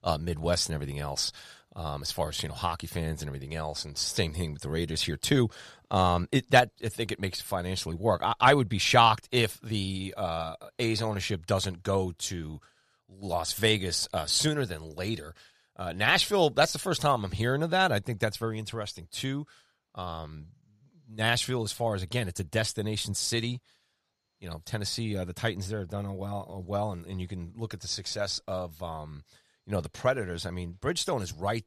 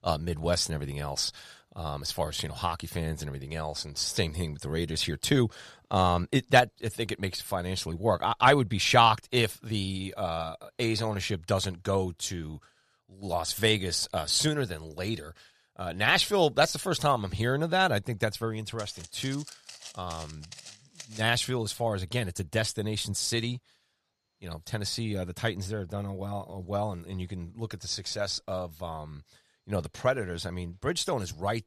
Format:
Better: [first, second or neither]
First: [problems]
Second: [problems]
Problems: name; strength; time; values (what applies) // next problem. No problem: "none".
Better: first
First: none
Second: footsteps; faint; from 19 to 21 s; peak 15 dB below the speech